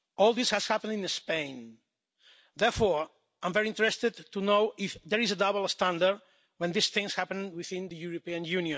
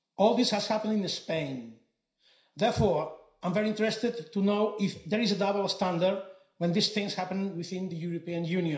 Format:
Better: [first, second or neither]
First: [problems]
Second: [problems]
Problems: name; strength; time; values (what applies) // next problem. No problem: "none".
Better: first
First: none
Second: room echo; dies away in 0.5 s